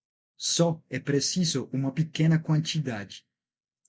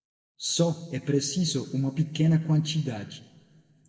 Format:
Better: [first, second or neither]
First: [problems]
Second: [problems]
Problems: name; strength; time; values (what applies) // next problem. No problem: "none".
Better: first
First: none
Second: room echo; dies away in 1.1 s